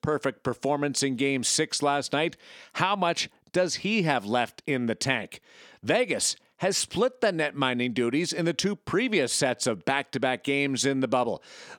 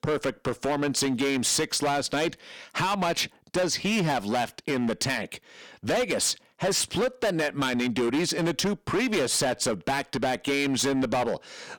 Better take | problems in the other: first | distortion; heavy; 17% of the sound clipped

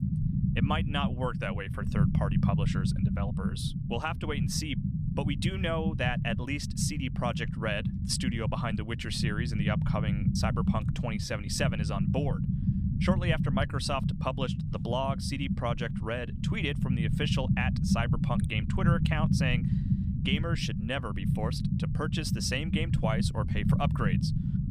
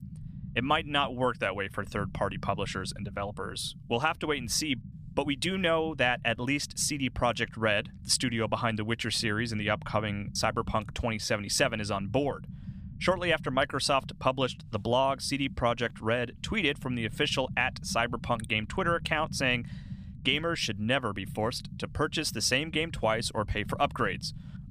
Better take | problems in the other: second | low rumble; loud; throughout; 6 dB below the speech; faint in the second

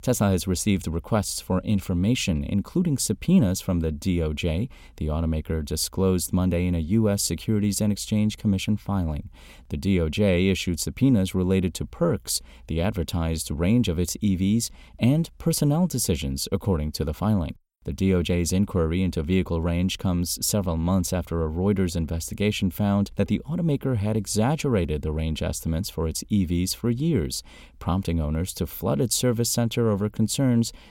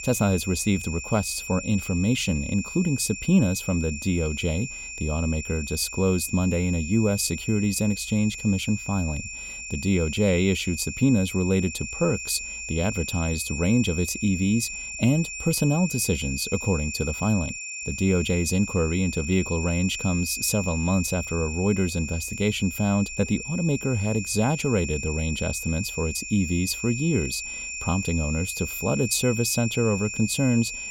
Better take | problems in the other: first | high-pitched whine; loud; throughout; 2.5 kHz, 7 dB below the speech

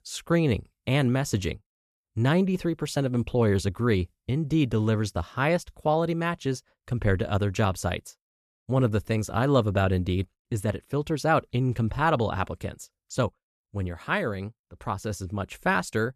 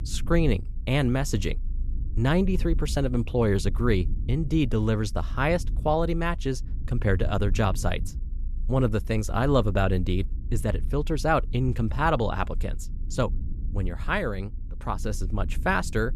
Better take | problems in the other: first | low rumble; faint; throughout; 25 dB below the speech

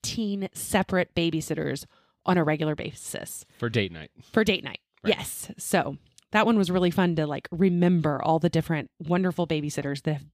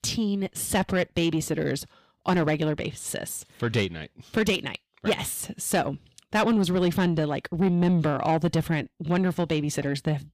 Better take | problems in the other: first | distortion; slight; 10 dB below the speech

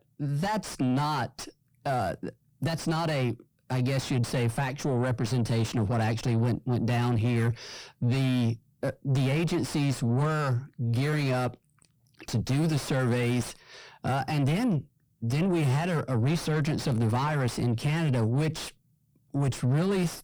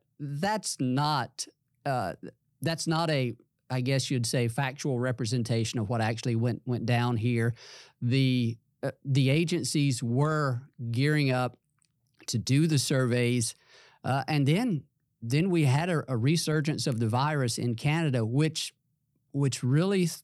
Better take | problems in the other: second | distortion; heavy; 6 dB below the speech

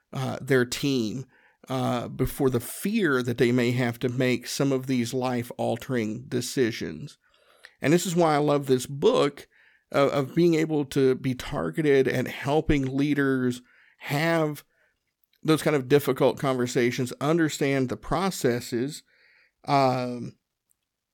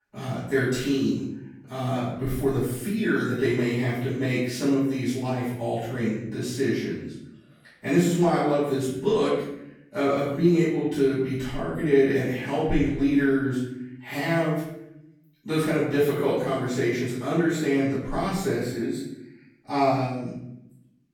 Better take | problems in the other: first | off-mic speech; far // room echo; strong; dies away in 0.8 s

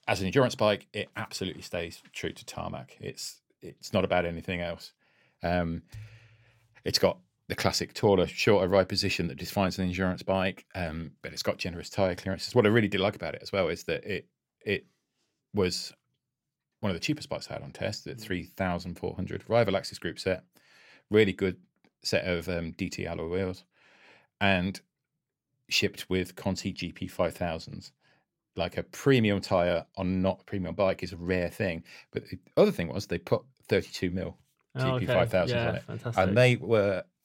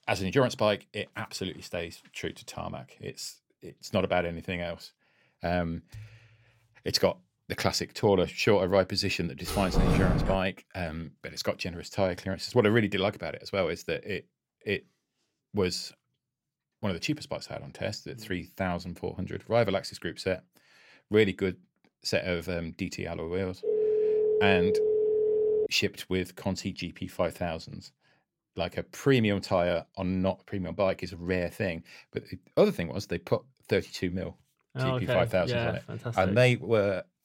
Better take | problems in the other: first | door banging; loud; at 9.5 s; peak 4 dB above the speech // phone ringing; loud; from 24 to 26 s; peak 4 dB above the speech

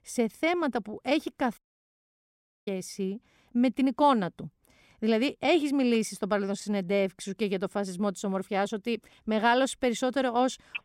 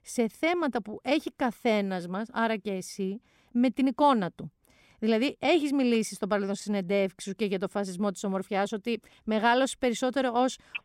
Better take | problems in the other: second | audio cutting out; at 1.5 s for 1 s

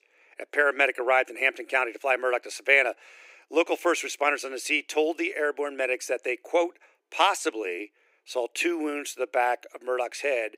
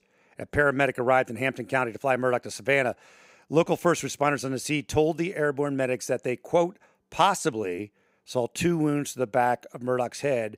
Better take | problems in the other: second | thin; somewhat; fading below 300 Hz

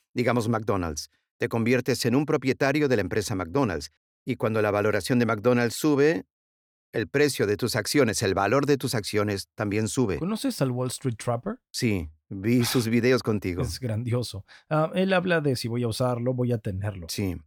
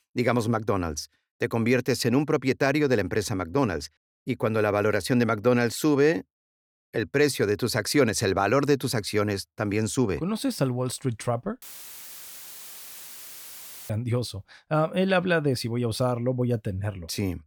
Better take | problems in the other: first | audio cutting out; filled with static; at 12 s for 2.5 s

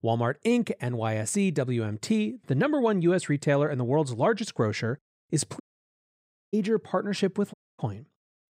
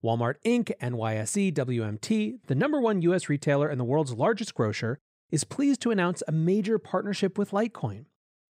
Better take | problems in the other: second | audio cutting out; at 5.5 s for 1 s and at 7.5 s

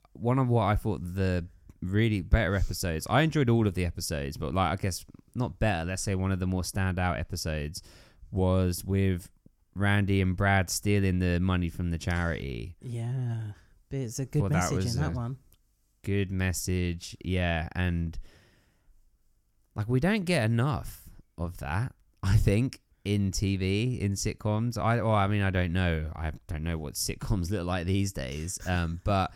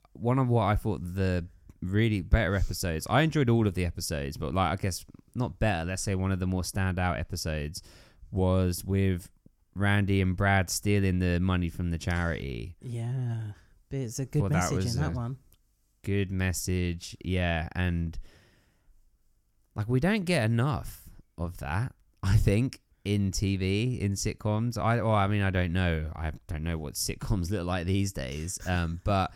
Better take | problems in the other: neither | none

